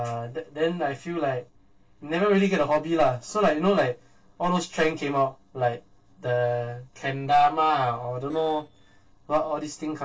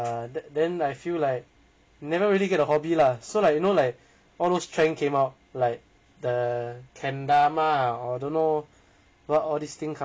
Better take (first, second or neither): second